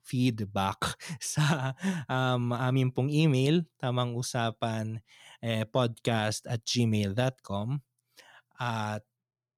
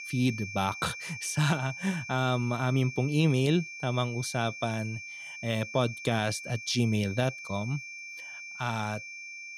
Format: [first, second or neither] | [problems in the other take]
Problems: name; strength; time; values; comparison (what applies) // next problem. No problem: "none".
first | high-pitched whine; loud; throughout; 2.5 kHz, 10 dB below the speech